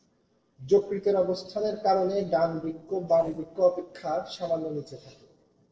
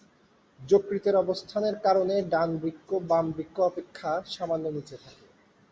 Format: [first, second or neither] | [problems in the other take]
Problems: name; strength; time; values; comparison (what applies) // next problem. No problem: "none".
second | noise reduction (neural separator model SepFormer DNS4)